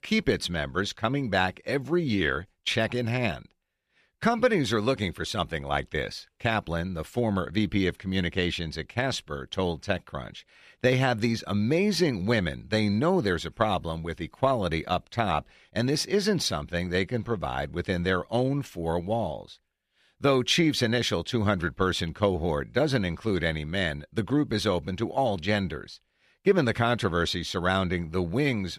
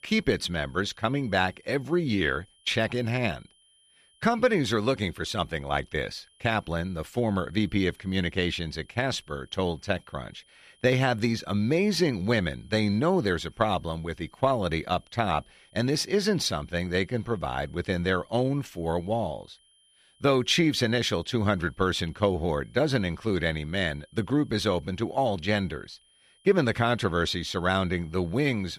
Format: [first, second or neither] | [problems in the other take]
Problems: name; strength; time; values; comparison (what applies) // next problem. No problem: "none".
first | high-pitched whine; faint; throughout; 3 kHz, 35 dB below the speech